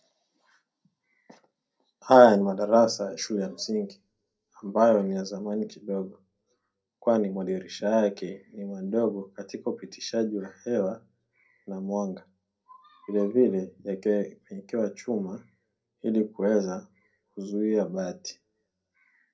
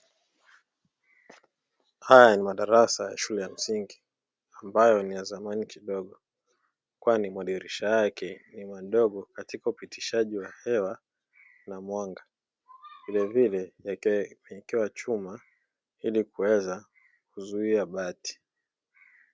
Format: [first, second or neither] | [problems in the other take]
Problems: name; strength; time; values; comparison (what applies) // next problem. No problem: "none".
second | room echo; dies away in 0.2 s